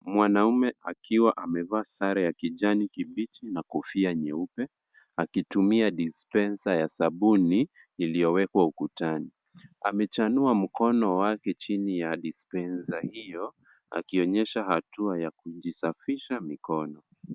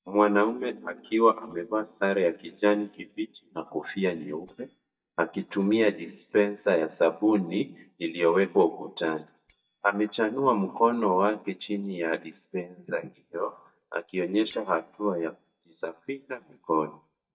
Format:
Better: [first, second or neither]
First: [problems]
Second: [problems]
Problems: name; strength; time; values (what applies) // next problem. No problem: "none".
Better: first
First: none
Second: noise reduction (neural mask model DeepFilterNet 3)